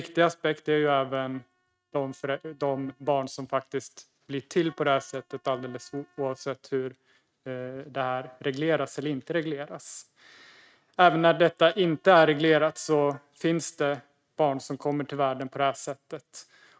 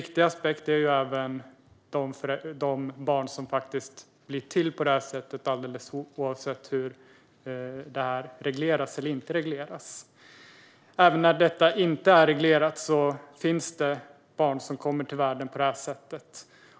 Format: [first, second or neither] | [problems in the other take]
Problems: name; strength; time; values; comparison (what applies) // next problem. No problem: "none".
second | noise reduction (neural mask model RNNoise)